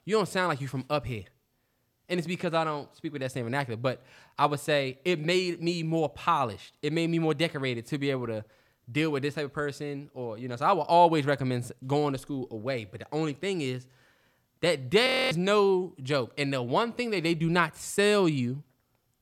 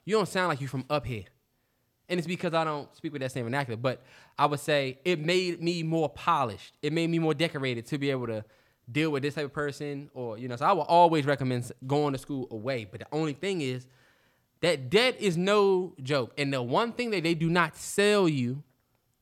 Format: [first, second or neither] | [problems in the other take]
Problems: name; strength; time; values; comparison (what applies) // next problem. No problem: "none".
second | audio freezing; at 15 s